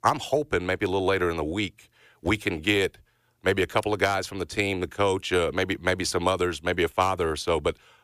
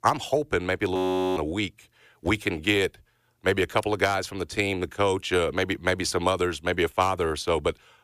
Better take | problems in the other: first | audio freezing; at 1 s

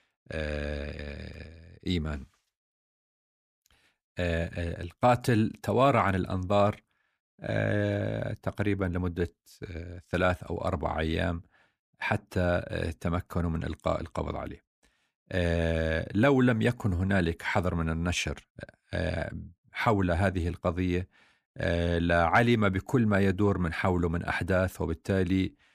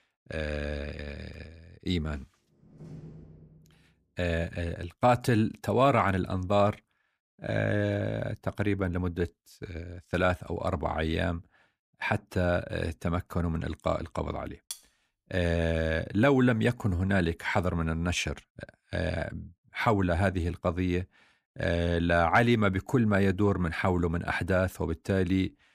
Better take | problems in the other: first | door banging; faint; from 2.5 to 4 s; peak 15 dB below the speech // clattering dishes; faint; at 15 s; peak 15 dB below the speech

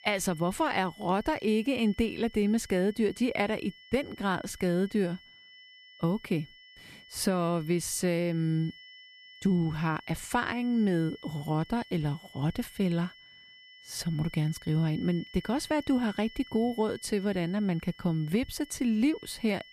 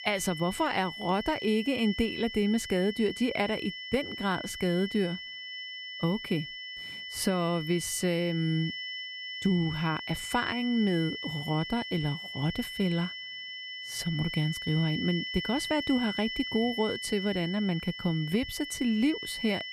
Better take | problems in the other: first | high-pitched whine; loud; throughout; 2 kHz, 7 dB below the speech; faint in the first

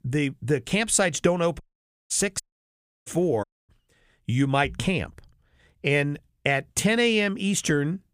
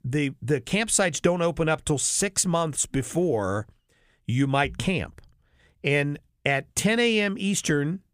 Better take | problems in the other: second | audio cutting out; at 1.5 s for 0.5 s, at 2.5 s for 0.5 s and at 3.5 s

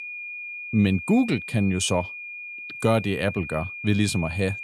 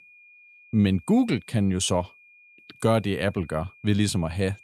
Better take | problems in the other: second | high-pitched whine; loud; throughout; 2.5 kHz, 10 dB below the speech; faint in the second

